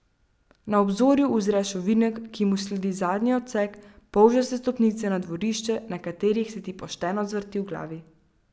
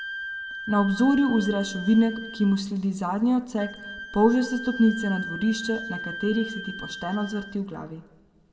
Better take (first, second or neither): first